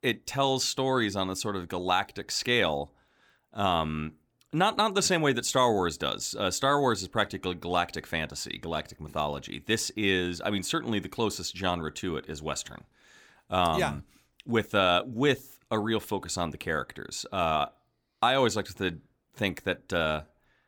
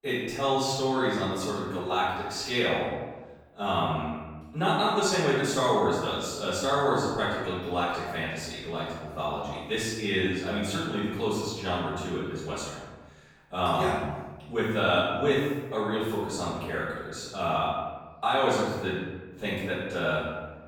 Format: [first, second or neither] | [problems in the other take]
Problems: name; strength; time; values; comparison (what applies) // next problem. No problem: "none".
first | room echo; strong; dies away in 1.1 s // off-mic speech; far